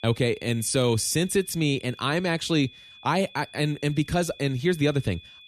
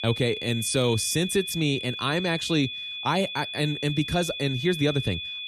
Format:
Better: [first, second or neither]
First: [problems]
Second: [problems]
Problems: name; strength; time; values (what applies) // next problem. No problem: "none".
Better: first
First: high-pitched whine; faint; throughout; 3.5 kHz, 20 dB below the speech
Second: high-pitched whine; loud; throughout; 3.5 kHz, 6 dB below the speech